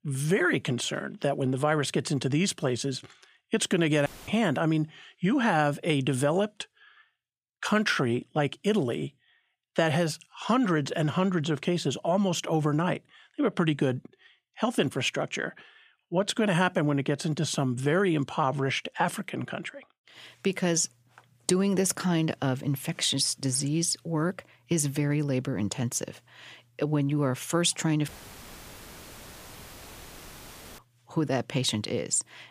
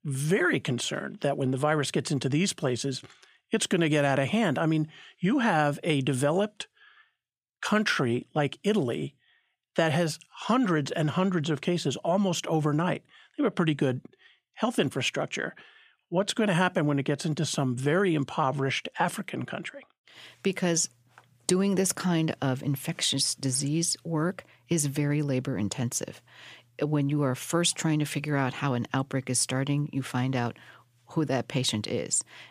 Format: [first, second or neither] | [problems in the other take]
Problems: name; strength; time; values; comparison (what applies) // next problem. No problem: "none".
second | audio cutting out; filled with static; at 4 s and at 28 s for 2.5 s